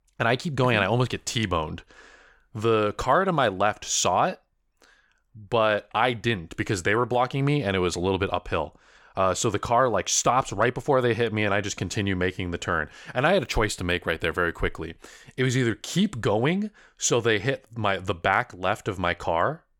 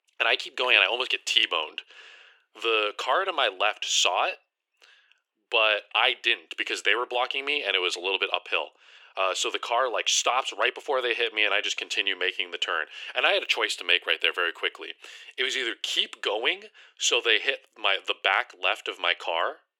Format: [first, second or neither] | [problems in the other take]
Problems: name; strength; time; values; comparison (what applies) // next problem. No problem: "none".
first | thin; very; fading below 350 Hz